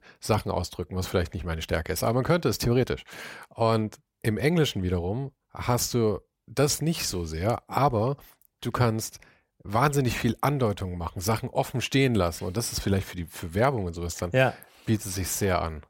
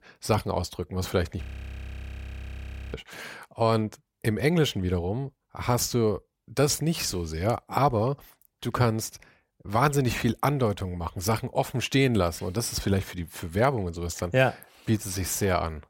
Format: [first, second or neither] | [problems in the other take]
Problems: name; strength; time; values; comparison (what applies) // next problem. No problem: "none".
first | audio freezing; at 1.5 s for 1.5 s